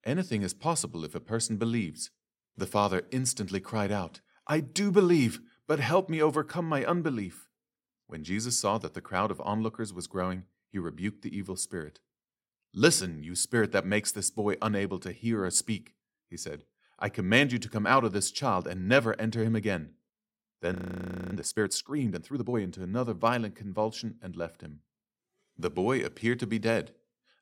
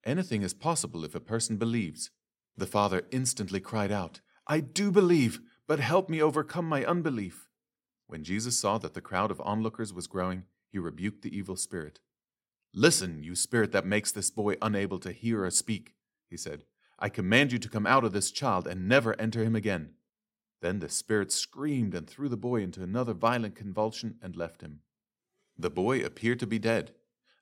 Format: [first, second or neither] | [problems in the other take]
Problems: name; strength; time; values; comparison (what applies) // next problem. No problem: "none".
second | audio freezing; at 21 s for 0.5 s